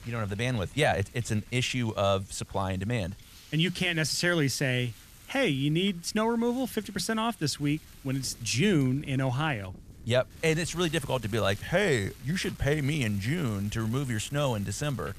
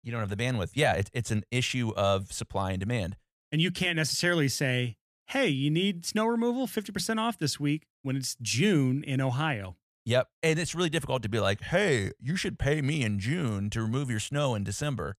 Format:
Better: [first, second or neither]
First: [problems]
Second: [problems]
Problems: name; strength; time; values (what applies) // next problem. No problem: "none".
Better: second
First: wind noise on the microphone; occasional gusts; 20 dB below the speech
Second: none